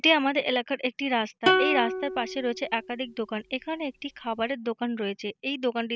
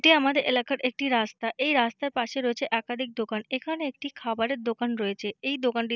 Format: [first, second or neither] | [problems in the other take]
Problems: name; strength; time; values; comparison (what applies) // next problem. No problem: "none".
second | background sound (Plucked string instrument); 2 dB below the speech